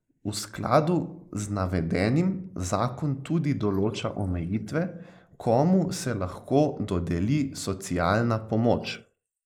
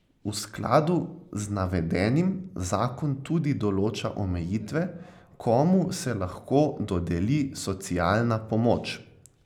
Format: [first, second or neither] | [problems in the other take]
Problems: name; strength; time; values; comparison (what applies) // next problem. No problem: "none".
second | noise reduction (neural mask model Resemble Enhance denoiser)